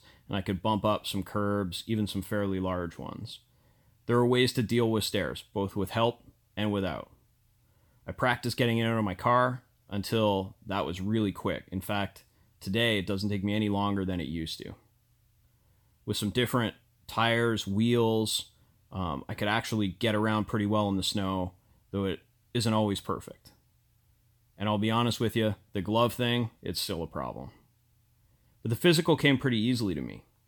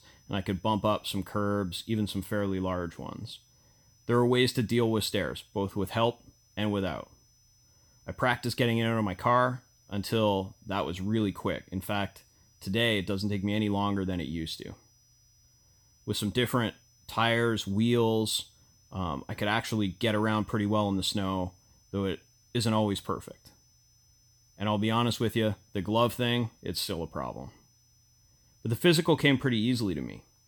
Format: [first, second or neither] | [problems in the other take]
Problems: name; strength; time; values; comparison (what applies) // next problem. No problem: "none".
first | high-pitched whine; faint; throughout; 6 kHz, 35 dB below the speech